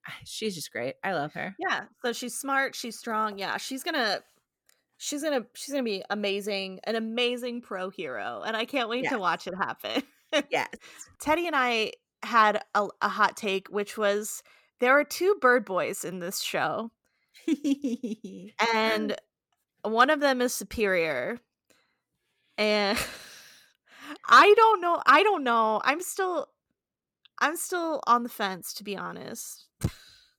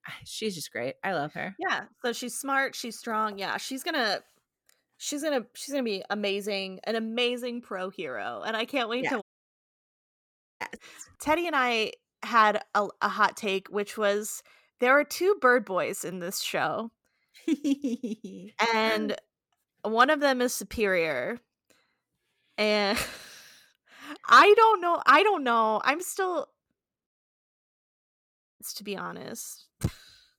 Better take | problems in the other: first | audio cutting out; at 9 s for 1.5 s and at 27 s for 1.5 s

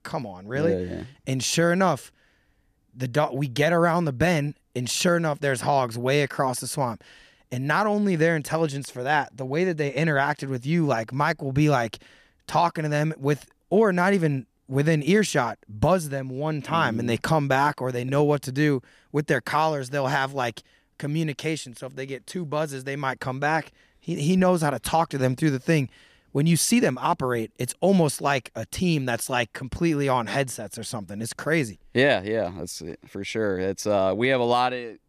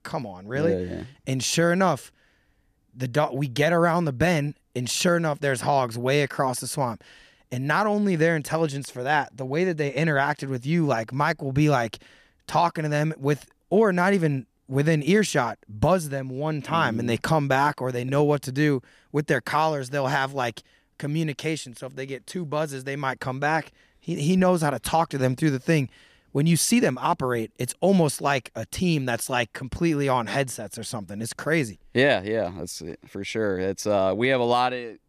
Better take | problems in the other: neither | none

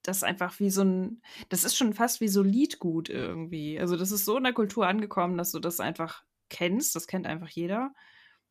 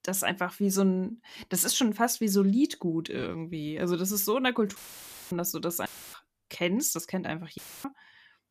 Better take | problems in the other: first | audio cutting out; filled with static; at 5 s for 0.5 s, at 6 s and at 7.5 s

